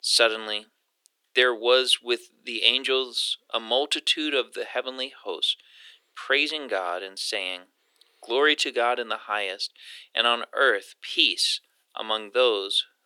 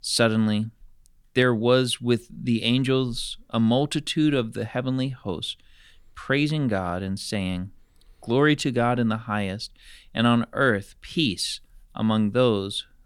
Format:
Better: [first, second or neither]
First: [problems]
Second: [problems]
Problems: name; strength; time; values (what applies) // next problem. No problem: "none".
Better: second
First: thin; very; fading below 350 Hz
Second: none